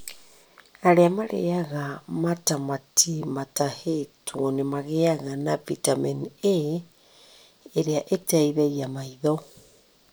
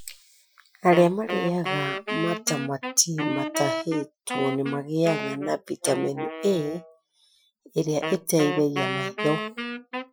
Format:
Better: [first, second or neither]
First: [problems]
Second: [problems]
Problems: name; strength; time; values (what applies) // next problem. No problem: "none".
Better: first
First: none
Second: noise reduction (classical method Wiener filter)